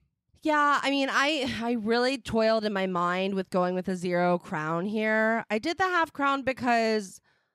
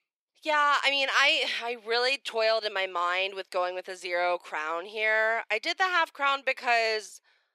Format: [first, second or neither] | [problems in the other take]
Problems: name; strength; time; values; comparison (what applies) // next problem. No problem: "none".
first | thin; very; fading below 450 Hz